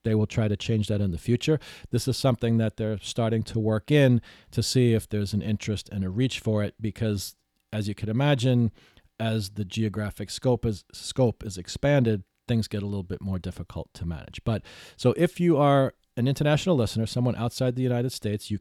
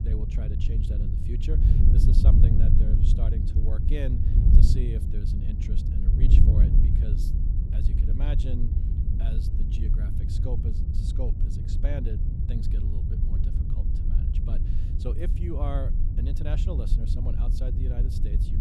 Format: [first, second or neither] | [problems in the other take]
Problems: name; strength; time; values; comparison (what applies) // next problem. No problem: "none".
first | wind noise on the microphone; heavy; 1 dB above the speech